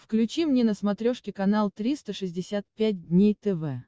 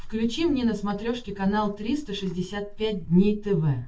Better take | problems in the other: first | background sound (Livestock, farm animals, working animals); 14 dB below the speech // room echo; dies away in 0.2 s

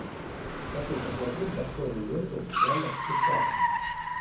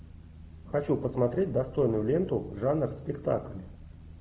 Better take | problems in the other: second | background sound (Car); 4 dB above the speech // room echo; dies away in 0.6 s

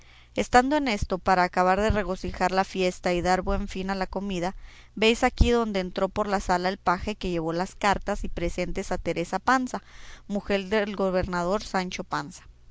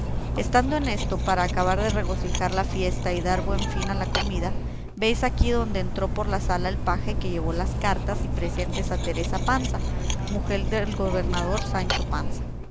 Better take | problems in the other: first | background sound (Cutlery, silverware); 2 dB above the speech

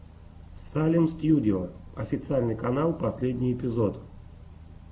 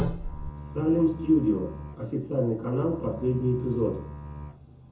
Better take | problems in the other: first | background sound (Bowed string instrument); 14 dB below the speech // room echo; dies away in 0.6 s

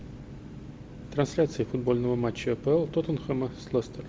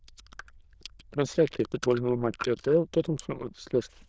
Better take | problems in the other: first | noise reduction (neural diffusion model UNIVERSE++)

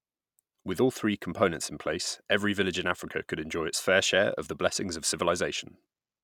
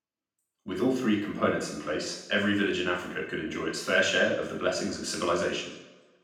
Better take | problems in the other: first | room echo; dies away in 0.8 s

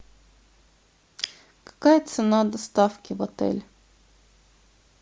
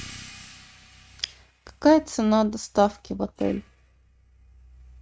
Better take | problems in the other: first | noise reduction (neural mask model RNNoise)

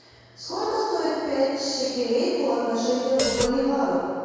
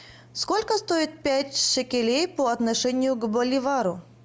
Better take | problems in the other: second | background sound (Hi-hat); 6 dB below the speech // room echo; dies away in 2.2 s

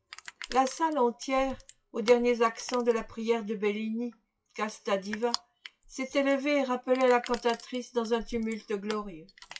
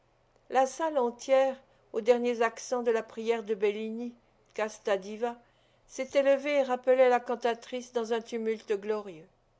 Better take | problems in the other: second | noise reduction (classical method WPE with log-MMSE)

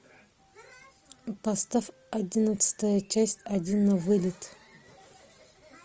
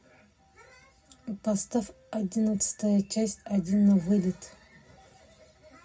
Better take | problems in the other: first | room echo; dies away in 0.4 s

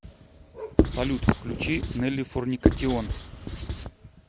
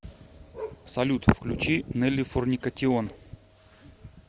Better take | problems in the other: second | background sound (Writing); 2 dB above the speech

